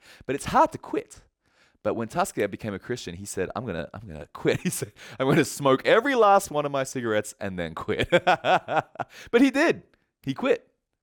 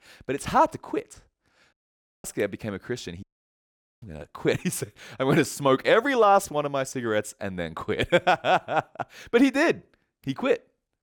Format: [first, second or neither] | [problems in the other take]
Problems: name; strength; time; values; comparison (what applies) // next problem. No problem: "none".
first | audio cutting out; at 1.5 s for 0.5 s and at 3 s for 1 s